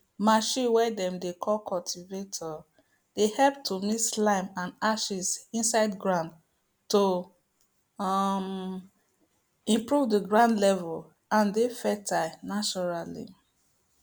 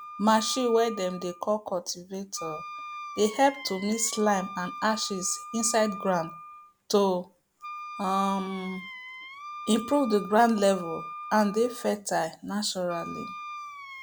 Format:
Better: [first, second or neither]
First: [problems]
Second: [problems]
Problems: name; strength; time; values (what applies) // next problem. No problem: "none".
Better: first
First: none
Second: background sound (Wind instrument, woodwind instrument); 13 dB below the speech